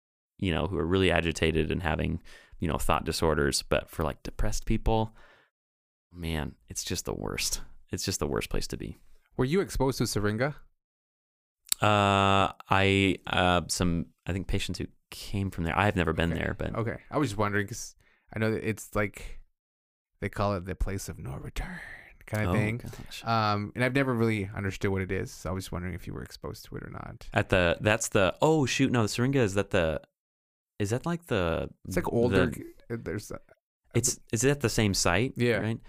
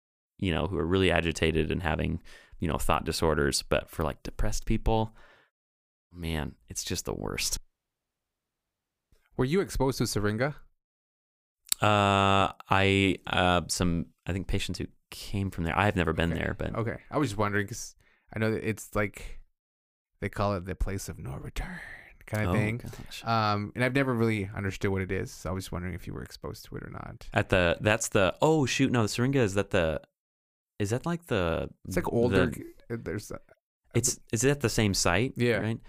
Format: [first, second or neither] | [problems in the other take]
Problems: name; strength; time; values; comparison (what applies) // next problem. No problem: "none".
first | audio cutting out; at 7.5 s for 1.5 s